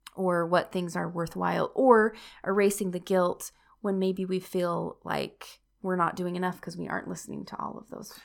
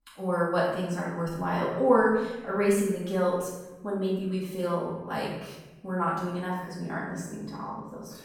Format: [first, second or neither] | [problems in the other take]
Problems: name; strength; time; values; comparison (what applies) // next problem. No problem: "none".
first | off-mic speech; far // room echo; noticeable; dies away in 1 s